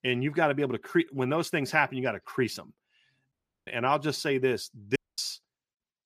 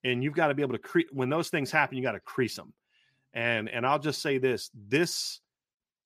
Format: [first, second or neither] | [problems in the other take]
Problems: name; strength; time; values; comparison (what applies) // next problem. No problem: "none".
second | audio cutting out; at 3.5 s and at 5 s